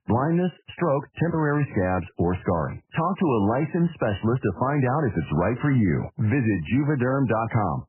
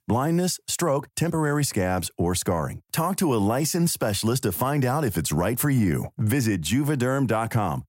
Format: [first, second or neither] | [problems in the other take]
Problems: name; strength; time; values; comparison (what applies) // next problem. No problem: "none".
second | garbled, watery; badly; nothing above 3 kHz